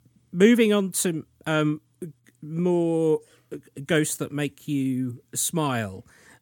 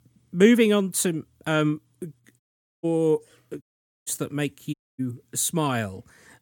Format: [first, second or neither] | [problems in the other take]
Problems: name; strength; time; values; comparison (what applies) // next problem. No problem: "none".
first | audio cutting out; at 2.5 s, at 3.5 s and at 4.5 s